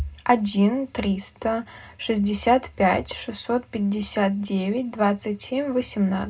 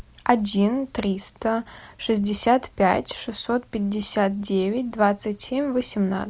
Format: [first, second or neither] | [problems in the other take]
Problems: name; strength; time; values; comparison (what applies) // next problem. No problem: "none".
second | room echo; dies away in 0.2 s